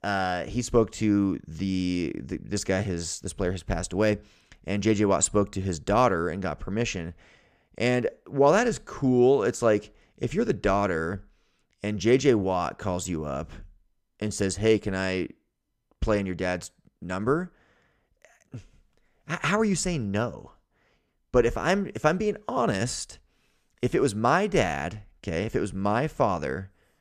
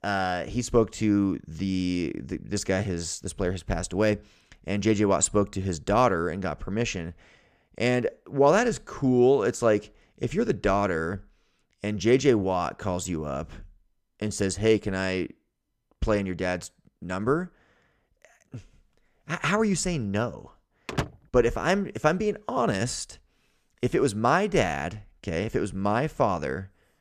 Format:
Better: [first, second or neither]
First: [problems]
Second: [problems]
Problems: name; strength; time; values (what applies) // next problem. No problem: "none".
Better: first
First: none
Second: door banging; noticeable; at 21 s; peak 6 dB below the speech